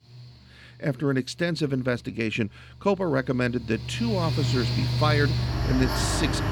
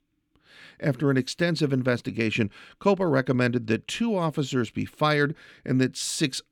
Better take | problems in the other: second | machinery noise; very loud; throughout; as loud as the speech

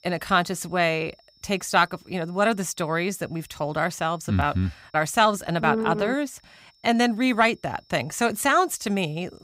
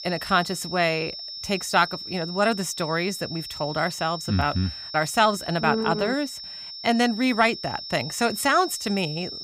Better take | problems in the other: first | high-pitched whine; loud; throughout; 5.5 kHz, 9 dB below the speech; faint in the first

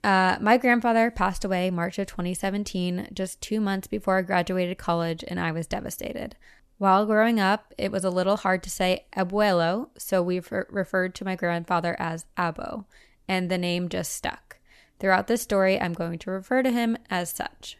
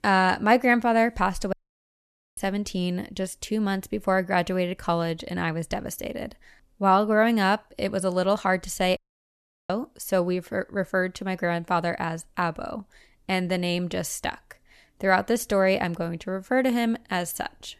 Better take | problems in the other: first | audio cutting out; at 1.5 s for 1 s and at 9 s for 0.5 s

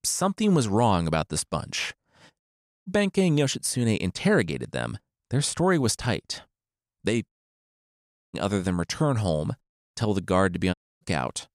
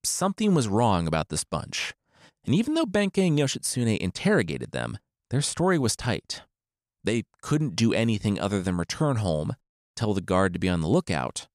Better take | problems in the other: second | audio cutting out; at 2.5 s, at 7.5 s for 1 s and at 11 s

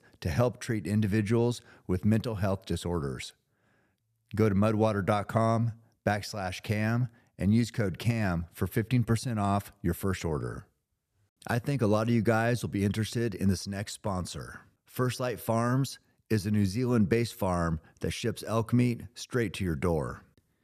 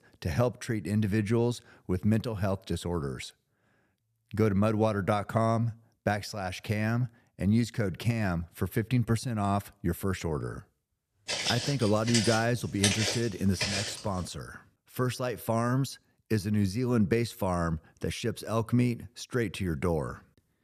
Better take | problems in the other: first | footsteps; loud; from 11 to 14 s; peak 3 dB above the speech

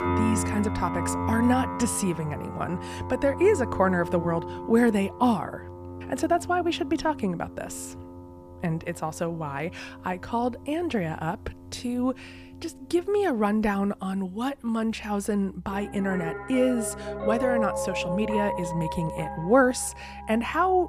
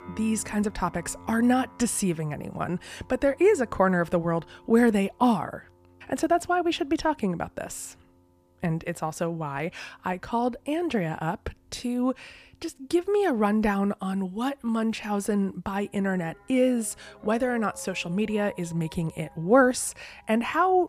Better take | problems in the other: second | background music; loud; throughout; 6 dB below the speech; faint in the second

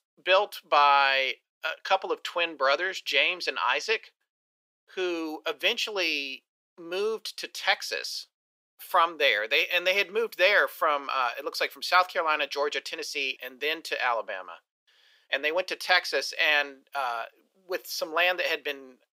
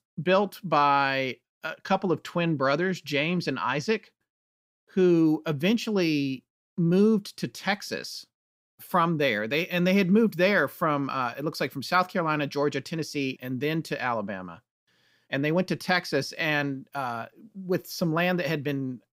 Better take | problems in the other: second | thin; very; fading below 500 Hz

